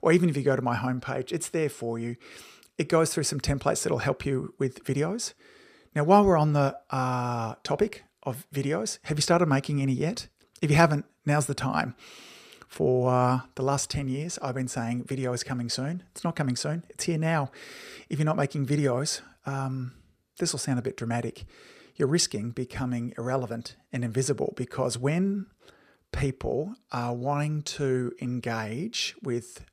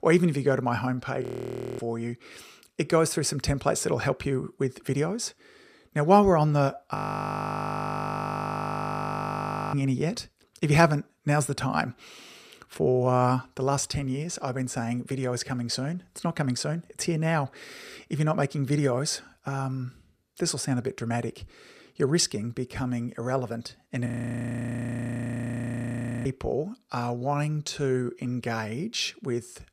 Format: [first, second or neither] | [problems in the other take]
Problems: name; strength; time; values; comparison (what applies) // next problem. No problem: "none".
first | audio freezing; at 1 s for 0.5 s, at 7 s for 3 s and at 24 s for 2 s